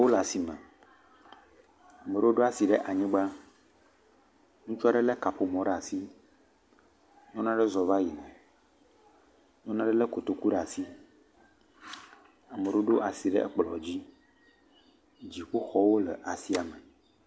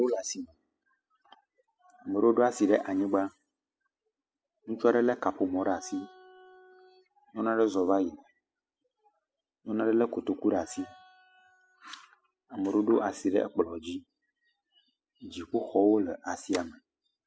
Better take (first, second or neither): first